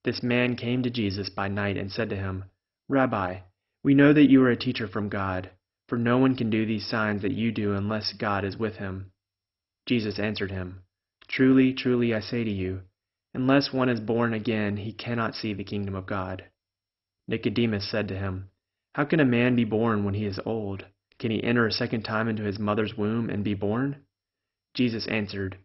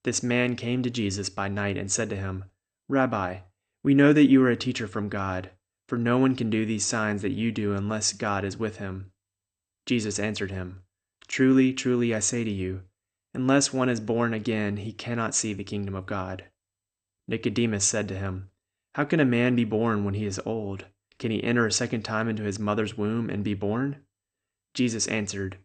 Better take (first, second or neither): second